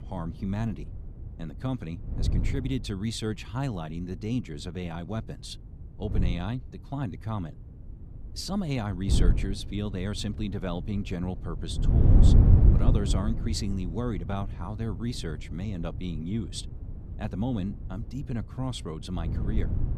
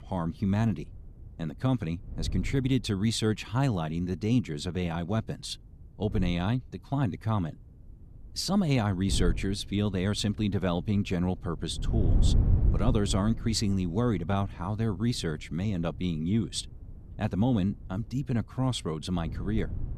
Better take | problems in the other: second | wind noise on the microphone; heavy; 4 dB below the speech; occasional gusts in the second

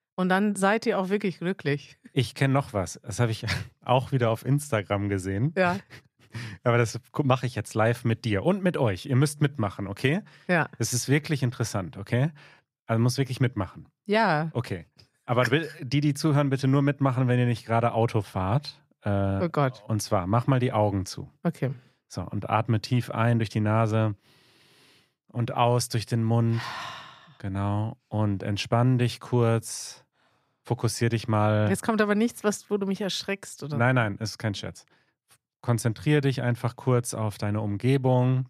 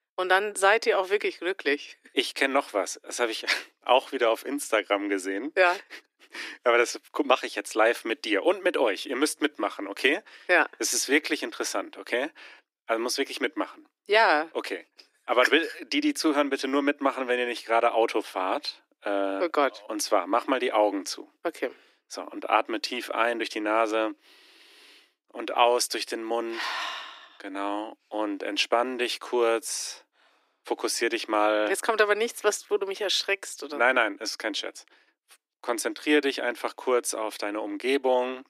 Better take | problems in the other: first | thin; very; fading below 300 Hz

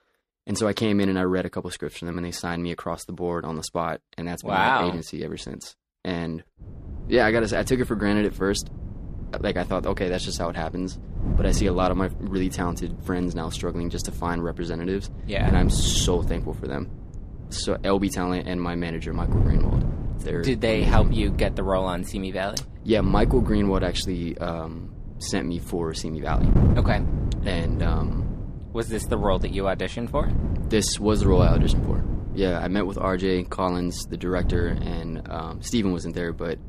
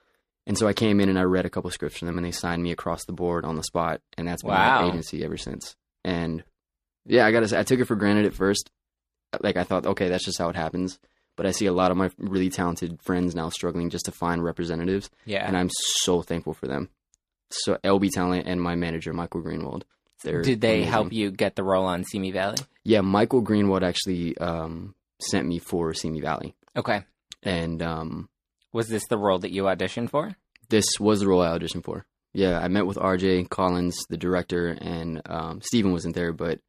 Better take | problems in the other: second | wind noise on the microphone; occasional gusts; from 6.5 s on; 10 dB below the speech

